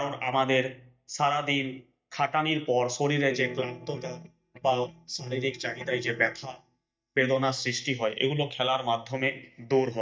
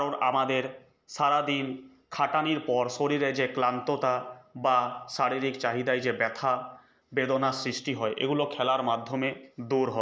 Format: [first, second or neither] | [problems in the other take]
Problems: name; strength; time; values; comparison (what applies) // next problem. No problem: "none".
second | noise reduction (neural mask model DeepFilterNet 3)